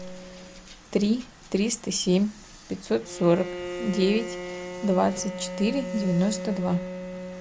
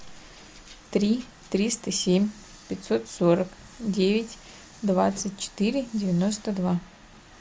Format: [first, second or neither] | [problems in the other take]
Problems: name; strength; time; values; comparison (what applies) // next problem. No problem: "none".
second | background sound (Bowed string instrument); 9 dB below the speech